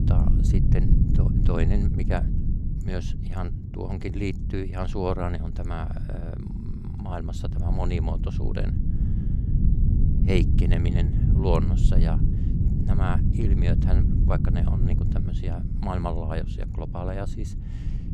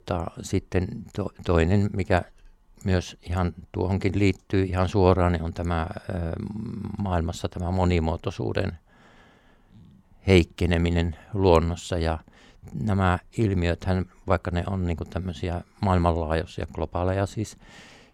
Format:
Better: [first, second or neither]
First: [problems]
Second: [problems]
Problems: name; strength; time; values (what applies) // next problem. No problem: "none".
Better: second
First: low rumble; loud; throughout; 4 dB below the speech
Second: none